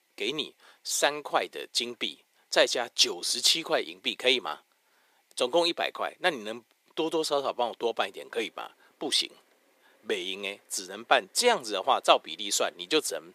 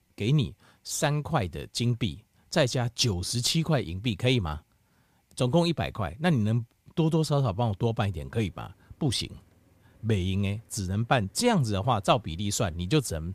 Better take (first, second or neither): second